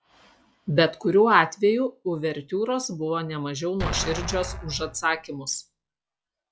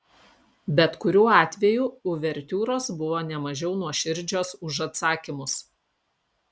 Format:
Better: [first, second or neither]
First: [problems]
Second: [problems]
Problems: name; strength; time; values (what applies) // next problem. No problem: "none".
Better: second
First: noise reduction (classical method log-MMSE)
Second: none